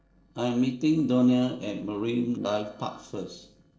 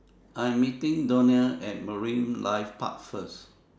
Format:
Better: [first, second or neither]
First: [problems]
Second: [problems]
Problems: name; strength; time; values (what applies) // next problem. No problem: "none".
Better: second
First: noise reduction (neural separator model SepFormer DNS4)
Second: none